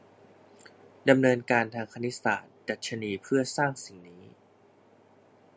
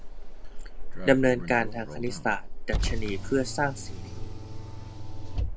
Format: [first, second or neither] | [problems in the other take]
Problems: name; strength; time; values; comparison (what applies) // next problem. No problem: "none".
first | background sound (Car); 1 dB below the speech